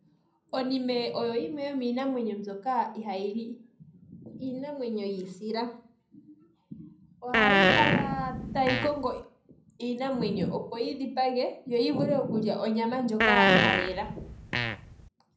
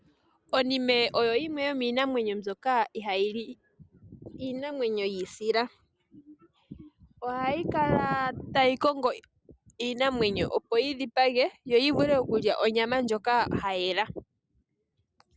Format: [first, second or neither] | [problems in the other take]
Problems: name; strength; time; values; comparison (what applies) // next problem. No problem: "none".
second | background sound (Fart); 5 dB above the speech // room echo; dies away in 0.5 s